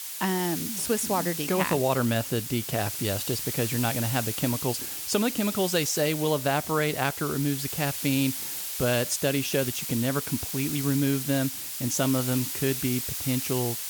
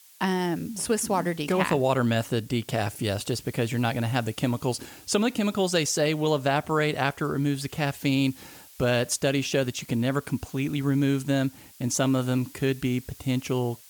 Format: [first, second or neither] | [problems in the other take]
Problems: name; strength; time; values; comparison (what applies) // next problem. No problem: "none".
second | hiss; loud; throughout; 4 dB below the speech; faint in the second